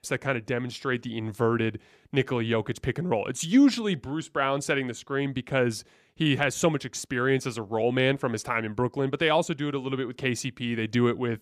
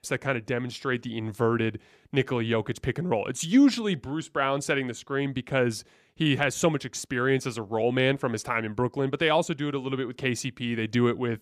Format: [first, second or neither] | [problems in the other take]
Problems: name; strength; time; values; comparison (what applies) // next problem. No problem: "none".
neither | none